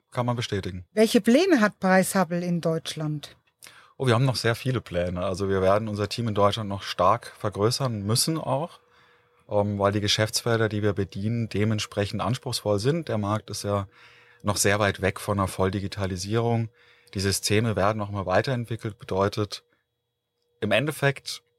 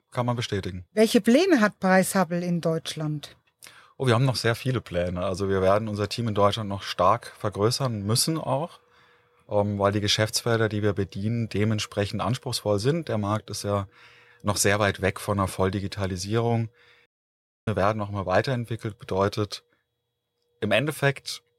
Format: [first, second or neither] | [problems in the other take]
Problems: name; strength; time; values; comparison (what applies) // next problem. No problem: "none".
first | audio cutting out; at 17 s for 0.5 s